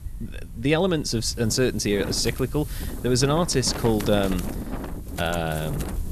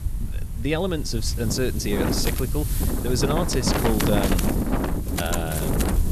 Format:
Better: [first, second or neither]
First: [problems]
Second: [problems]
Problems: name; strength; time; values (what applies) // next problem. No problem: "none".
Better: first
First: wind noise on the microphone; occasional gusts; 10 dB below the speech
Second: wind noise on the microphone; heavy; 1 dB below the speech